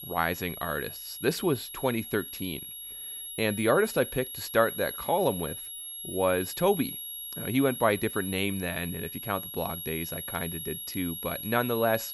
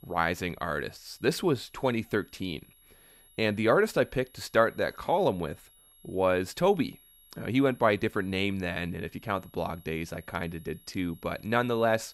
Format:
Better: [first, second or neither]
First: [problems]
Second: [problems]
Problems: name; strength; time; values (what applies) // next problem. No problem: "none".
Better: second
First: high-pitched whine; loud; throughout; 11.5 kHz, 7 dB below the speech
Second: high-pitched whine; faint; throughout; 11.5 kHz, 25 dB below the speech